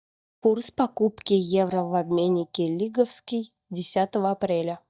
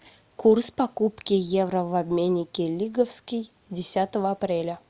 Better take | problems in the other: second | noise reduction (neural mask model DeepFilterNet 3)

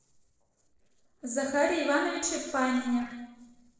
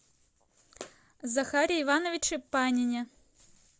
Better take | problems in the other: second | noise reduction (neural separator model SepFormer DNS4)

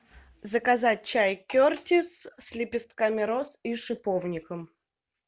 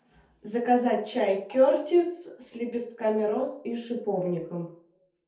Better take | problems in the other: first | room echo; dies away in 0.5 s

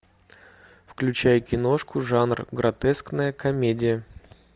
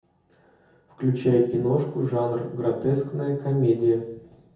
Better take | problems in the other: first | room echo; dies away in 0.7 s

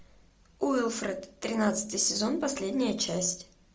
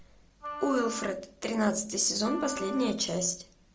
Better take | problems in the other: first | background sound (Wind instrument, woodwind instrument); 12 dB below the speech

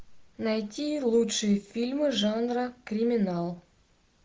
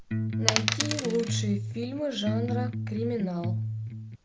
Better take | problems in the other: first | background sound (Electric guitar + Coin (dropping)); 3 dB above the speech

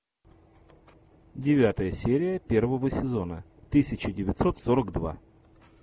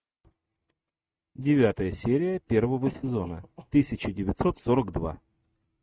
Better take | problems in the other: first | noise reduction (neural mask model RNNoise)

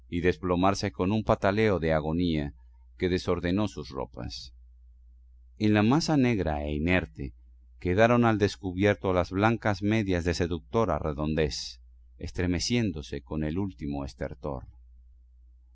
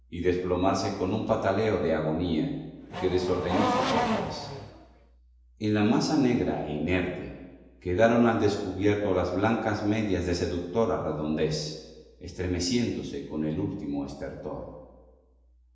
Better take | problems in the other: first | background sound (Race car, auto racing / Accelerating, revving, vroom); 3 dB below the speech // room echo; dies away in 1 s

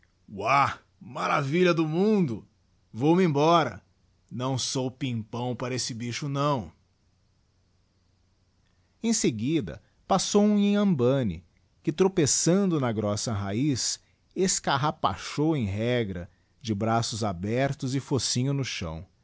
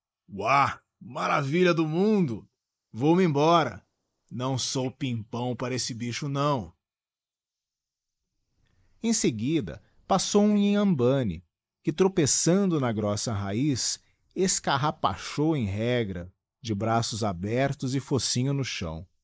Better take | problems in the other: first | noise reduction (neural mask model Resemble Enhance denoiser)

